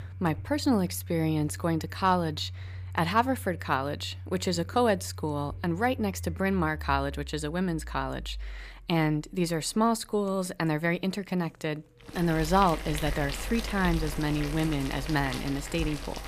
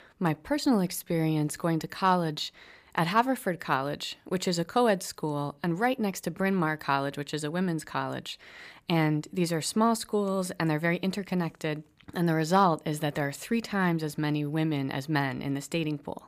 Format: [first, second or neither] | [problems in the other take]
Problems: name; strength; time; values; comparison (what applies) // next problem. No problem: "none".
second | household noises; noticeable; throughout; 10 dB below the speech